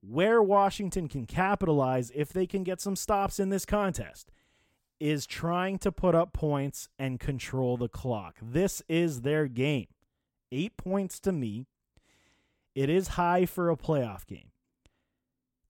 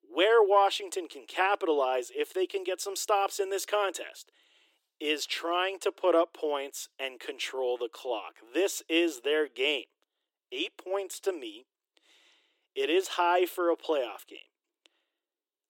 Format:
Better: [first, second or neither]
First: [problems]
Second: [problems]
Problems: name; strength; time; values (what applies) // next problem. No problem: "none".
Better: first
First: none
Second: thin; very; fading below 300 Hz